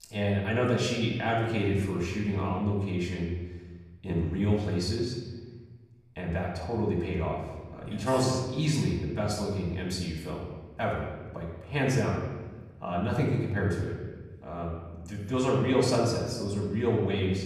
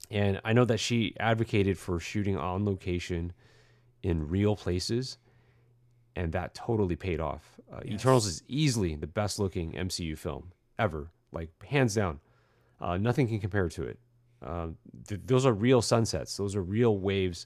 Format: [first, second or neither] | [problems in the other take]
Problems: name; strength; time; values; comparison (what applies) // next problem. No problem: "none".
second | room echo; noticeable; dies away in 1.2 s // off-mic speech; far